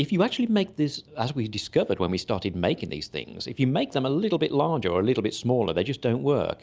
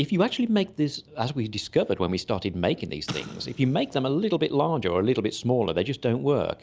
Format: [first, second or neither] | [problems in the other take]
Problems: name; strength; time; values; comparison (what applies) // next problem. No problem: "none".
first | background sound (Explosion); 17 dB below the speech